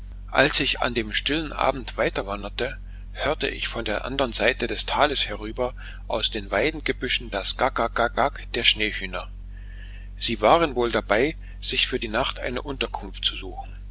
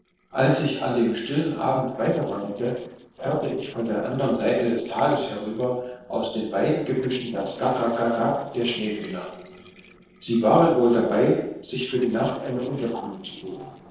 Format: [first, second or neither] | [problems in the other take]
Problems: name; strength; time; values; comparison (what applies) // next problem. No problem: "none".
first | noise reduction (neural separator model SepFormer DNS4)